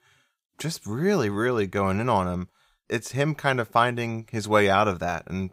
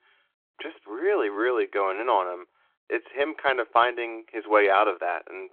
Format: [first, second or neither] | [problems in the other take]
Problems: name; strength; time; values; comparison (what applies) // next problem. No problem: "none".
first | phone-call audio